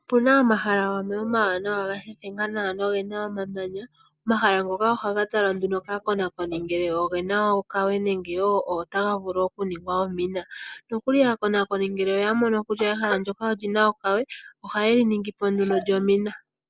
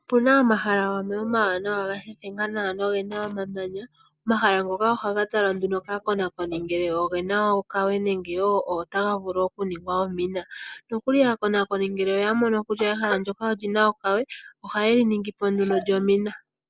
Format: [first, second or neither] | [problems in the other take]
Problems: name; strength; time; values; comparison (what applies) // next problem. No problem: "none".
first | background sound (Printer); 20 dB below the speech